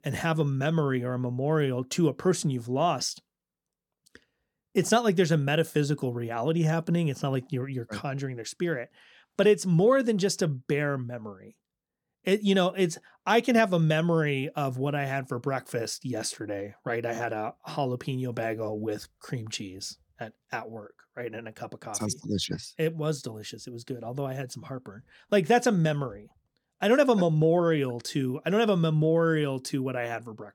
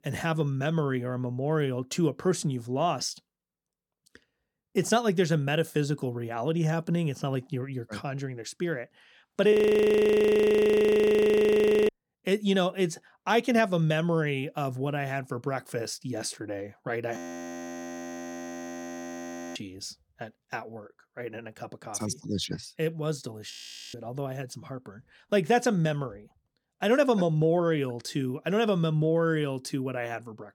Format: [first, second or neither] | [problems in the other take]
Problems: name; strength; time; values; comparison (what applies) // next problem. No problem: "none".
first | audio freezing; at 9.5 s for 2.5 s, at 17 s for 2.5 s and at 24 s